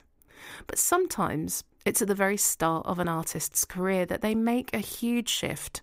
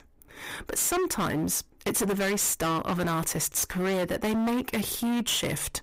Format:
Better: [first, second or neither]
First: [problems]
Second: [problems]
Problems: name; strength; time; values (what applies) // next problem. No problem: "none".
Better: first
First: none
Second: distortion; heavy; 26% of the sound clipped